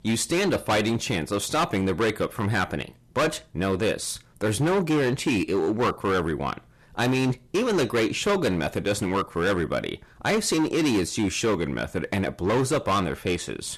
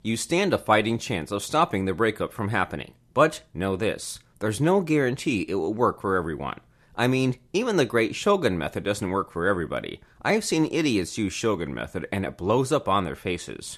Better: second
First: distortion; heavy; 14% of the sound clipped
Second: none

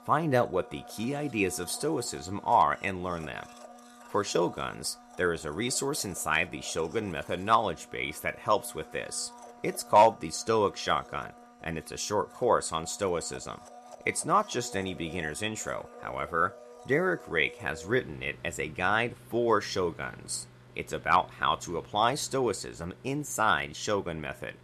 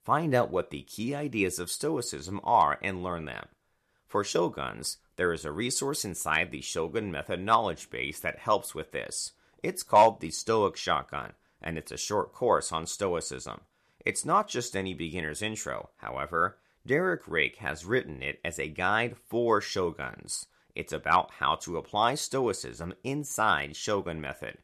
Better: second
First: household noises; faint; throughout; 20 dB below the speech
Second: none

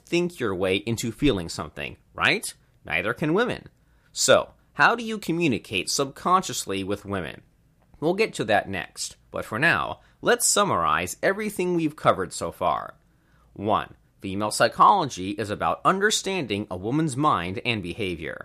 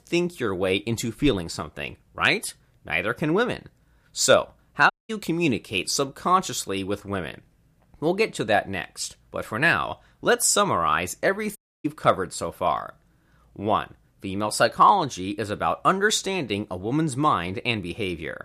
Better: first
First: none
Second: audio cutting out; at 5 s and at 12 s

